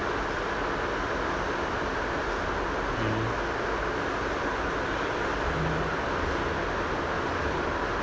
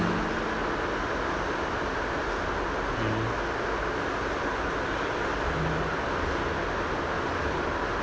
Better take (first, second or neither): first